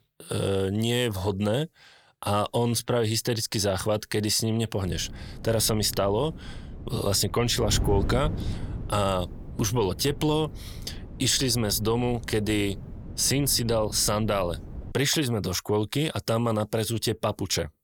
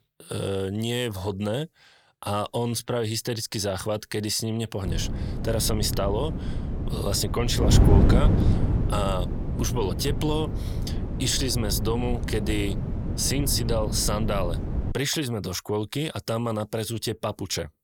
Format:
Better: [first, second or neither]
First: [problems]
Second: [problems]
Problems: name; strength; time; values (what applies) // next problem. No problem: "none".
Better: first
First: wind noise on the microphone; occasional gusts; from 5 to 15 s; 20 dB below the speech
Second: wind noise on the microphone; heavy; from 5 to 15 s; 7 dB below the speech